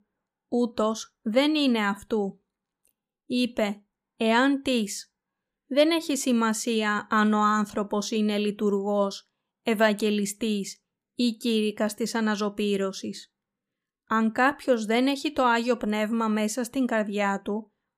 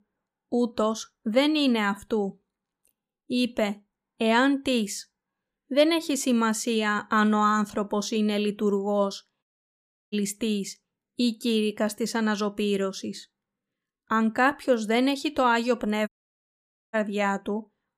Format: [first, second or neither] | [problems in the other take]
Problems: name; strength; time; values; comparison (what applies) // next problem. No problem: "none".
first | audio cutting out; at 9.5 s for 0.5 s and at 16 s for 1 s